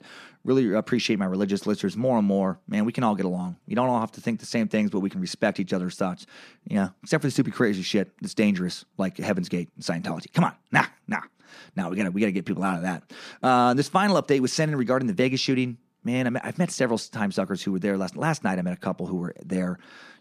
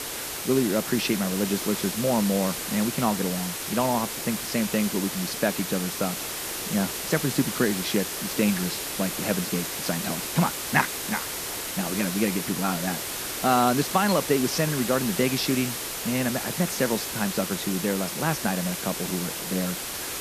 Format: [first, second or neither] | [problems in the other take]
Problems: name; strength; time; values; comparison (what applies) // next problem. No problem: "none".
first | hiss; loud; throughout; 3 dB below the speech